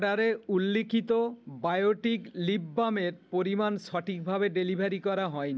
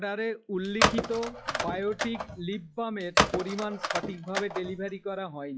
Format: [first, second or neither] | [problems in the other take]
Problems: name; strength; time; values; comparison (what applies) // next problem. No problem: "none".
first | noise reduction (classical method log-MMSE)